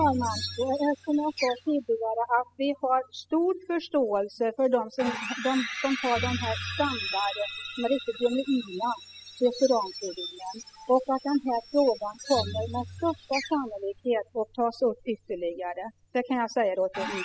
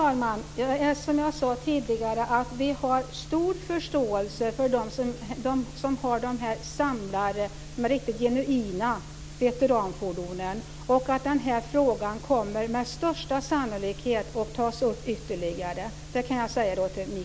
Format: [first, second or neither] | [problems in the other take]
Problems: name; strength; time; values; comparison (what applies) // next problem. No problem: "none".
second | noise reduction (classical method spectral subtraction)